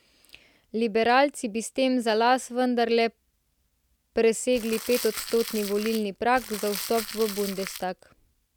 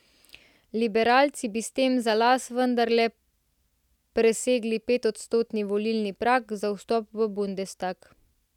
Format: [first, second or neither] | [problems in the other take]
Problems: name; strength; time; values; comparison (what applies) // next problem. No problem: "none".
second | background sound (Crumpling, crinkling); 11 dB below the speech